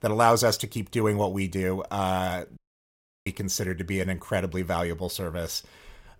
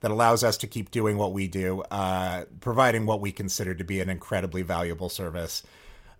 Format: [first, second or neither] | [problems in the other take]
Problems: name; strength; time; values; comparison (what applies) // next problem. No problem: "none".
second | audio cutting out; at 2.5 s for 0.5 s